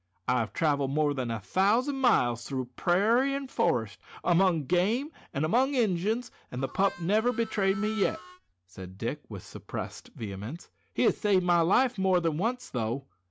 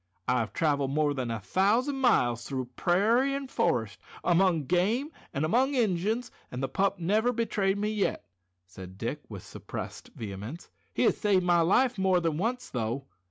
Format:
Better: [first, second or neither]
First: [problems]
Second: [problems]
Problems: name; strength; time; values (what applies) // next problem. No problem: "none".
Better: second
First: background sound (Harmonica); 17 dB below the speech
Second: none